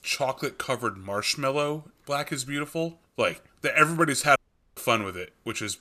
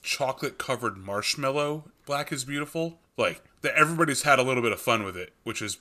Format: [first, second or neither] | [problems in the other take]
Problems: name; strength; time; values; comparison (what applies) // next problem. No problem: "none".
second | audio cutting out; at 4.5 s